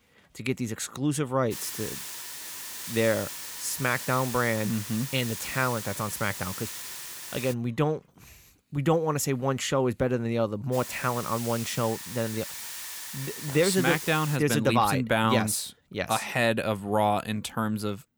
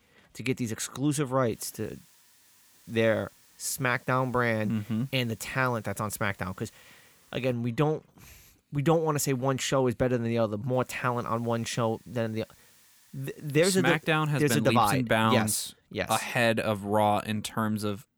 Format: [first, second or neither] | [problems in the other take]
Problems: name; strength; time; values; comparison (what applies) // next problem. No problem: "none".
second | hiss; loud; from 1.5 to 7.5 s and from 11 to 14 s; 8 dB below the speech; faint in the second